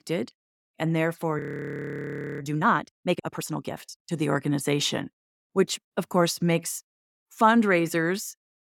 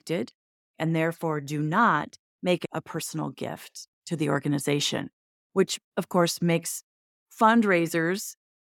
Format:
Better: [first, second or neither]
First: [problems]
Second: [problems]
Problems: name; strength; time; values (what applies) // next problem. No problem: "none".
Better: second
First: audio freezing; at 1.5 s for 1 s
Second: none